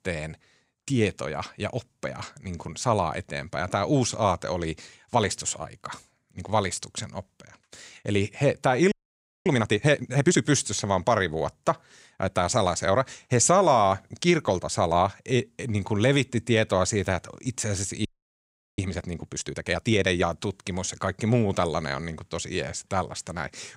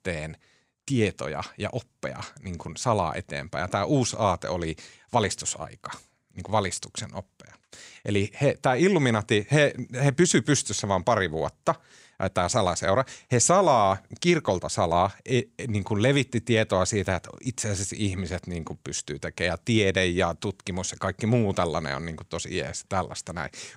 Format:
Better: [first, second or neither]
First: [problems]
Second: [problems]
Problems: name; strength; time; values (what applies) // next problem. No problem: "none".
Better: second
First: audio freezing; at 9 s for 0.5 s and at 18 s for 0.5 s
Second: none